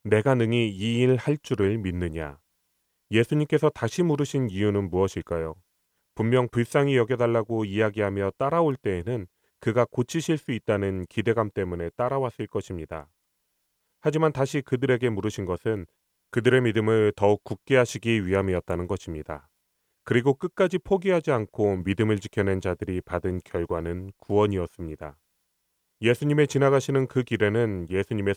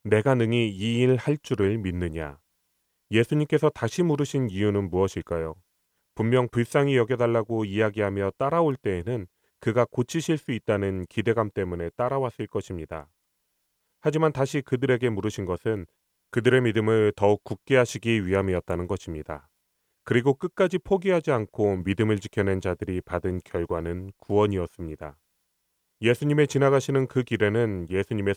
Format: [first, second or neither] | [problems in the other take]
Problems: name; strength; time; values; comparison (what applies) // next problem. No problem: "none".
neither | none